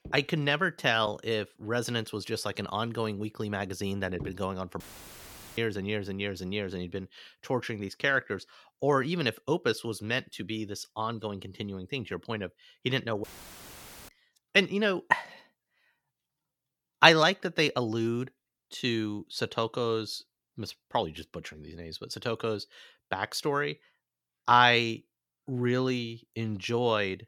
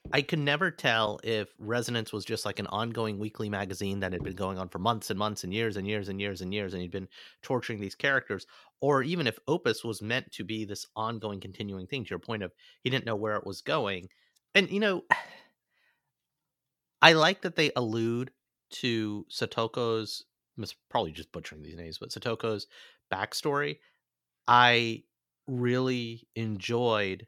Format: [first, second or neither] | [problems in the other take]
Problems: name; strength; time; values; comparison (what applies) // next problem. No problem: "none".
second | audio cutting out; filled with static; at 5 s for 1 s and at 13 s for 1 s